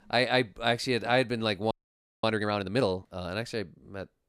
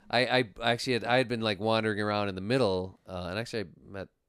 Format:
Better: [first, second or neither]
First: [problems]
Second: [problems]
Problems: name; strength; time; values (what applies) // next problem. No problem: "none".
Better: second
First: audio freezing; at 1.5 s for 0.5 s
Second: none